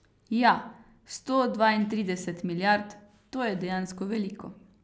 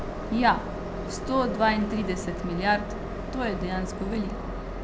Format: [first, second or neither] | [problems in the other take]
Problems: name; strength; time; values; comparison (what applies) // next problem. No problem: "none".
first | background sound (Train); 5 dB below the speech